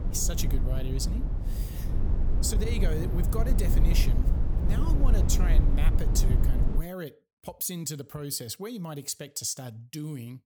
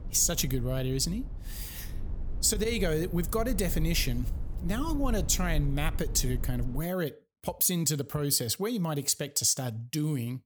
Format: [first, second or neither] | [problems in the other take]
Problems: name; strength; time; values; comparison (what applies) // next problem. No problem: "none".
second | low rumble; loud; until 7 s; 5 dB below the speech; faint in the second